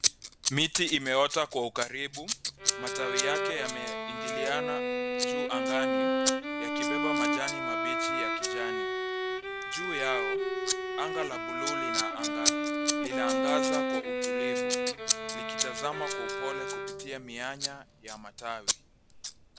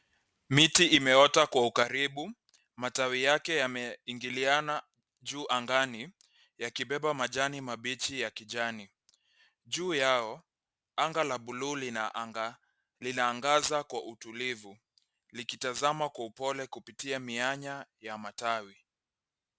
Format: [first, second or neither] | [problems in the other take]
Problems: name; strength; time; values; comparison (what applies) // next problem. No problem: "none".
second | background sound (Bowed string instrument + Scissors); 5 dB above the speech